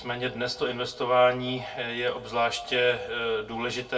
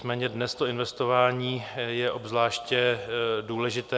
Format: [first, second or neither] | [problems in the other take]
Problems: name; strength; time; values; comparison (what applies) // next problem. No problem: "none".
second | room echo; dies away in 0.2 s